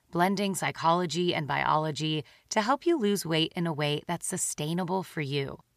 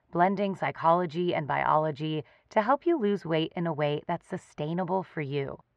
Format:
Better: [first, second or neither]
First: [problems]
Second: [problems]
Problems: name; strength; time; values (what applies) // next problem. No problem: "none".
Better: first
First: none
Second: muffled; very; fading above 2 kHz